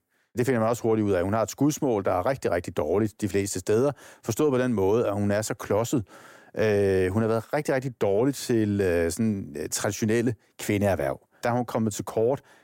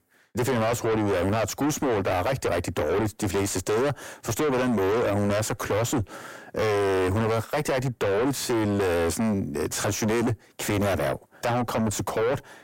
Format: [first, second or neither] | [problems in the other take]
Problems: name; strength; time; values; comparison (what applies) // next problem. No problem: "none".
first | distortion; heavy; 5 dB below the speech